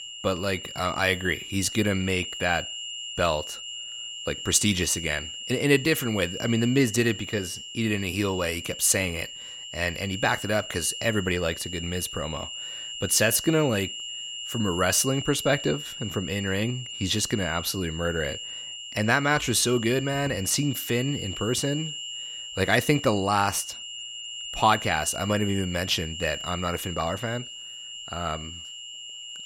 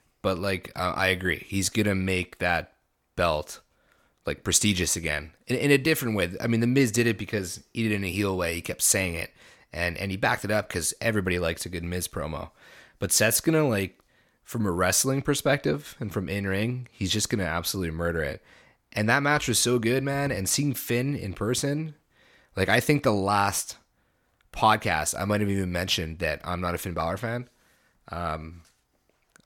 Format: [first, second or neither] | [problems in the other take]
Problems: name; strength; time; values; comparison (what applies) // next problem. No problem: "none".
second | high-pitched whine; loud; throughout; 3 kHz, 9 dB below the speech